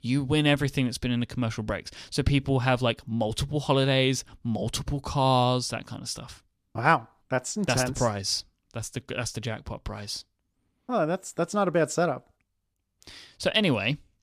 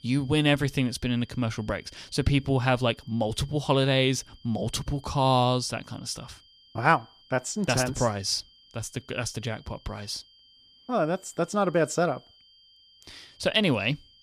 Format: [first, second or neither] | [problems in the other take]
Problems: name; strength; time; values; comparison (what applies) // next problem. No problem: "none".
first | high-pitched whine; faint; throughout; 3 kHz, 30 dB below the speech